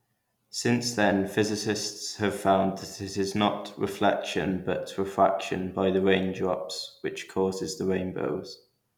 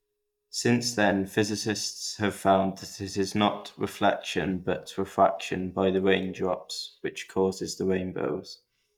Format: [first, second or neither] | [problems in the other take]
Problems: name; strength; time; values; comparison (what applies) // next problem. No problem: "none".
first | noise reduction (neural mask model DeepFilterNet 3)